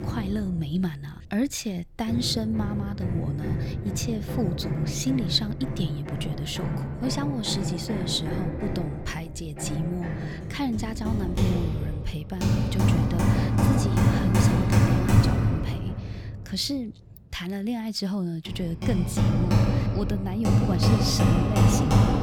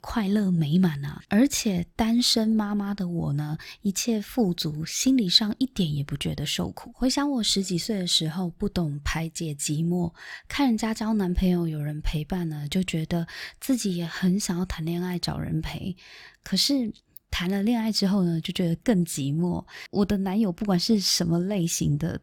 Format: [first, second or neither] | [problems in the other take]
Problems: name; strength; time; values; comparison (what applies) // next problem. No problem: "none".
second | machinery noise; very loud; throughout; 4 dB above the speech